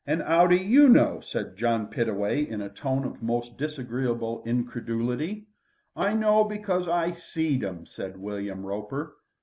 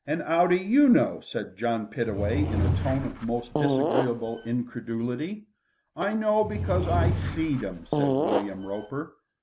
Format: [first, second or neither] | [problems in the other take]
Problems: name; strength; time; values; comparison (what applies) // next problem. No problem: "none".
first | background sound (Fart / Drawer open or close); as loud as the speech